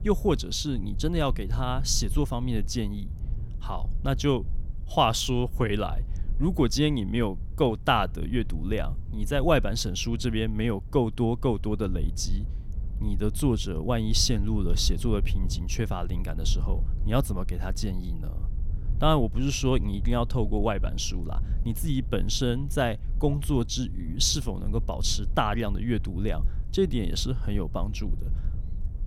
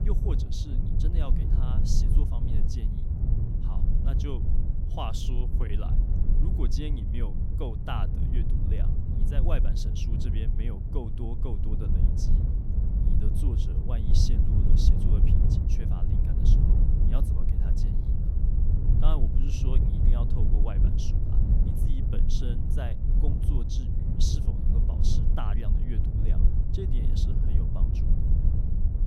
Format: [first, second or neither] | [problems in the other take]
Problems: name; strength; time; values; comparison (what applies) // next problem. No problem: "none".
first | low rumble; loud; throughout; as loud as the speech; faint in the first